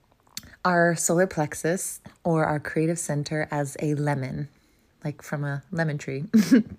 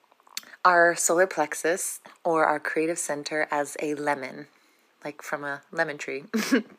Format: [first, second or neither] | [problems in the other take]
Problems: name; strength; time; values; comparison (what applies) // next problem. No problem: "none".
first | thin; somewhat; fading below 350 Hz